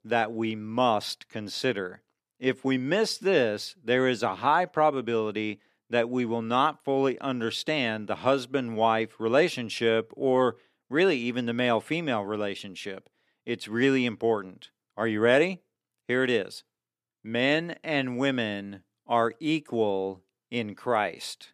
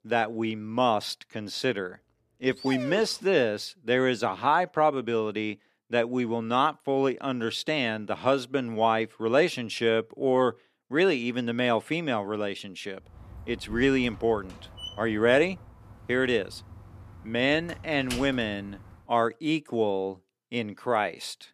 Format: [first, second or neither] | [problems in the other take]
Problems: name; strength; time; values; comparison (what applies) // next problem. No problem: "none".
first | dog barking; noticeable; at 2.5 s; peak 9 dB below the speech // door banging; noticeable; from 13 to 19 s; peak 9 dB below the speech